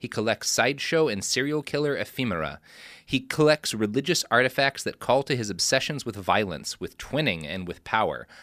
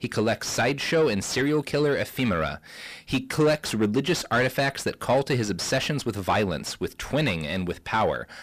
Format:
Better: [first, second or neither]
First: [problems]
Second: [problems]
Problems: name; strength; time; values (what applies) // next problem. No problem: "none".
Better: first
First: none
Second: distortion; heavy; 7 dB below the speech